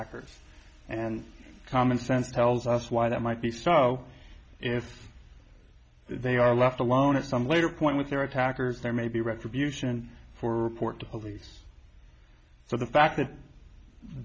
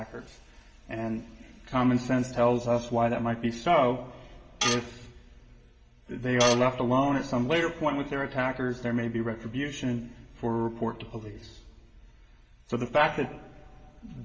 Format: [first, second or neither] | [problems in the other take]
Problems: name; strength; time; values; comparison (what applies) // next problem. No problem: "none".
first | background sound (Tools); 4 dB below the speech // room echo; dies away in 2.2 s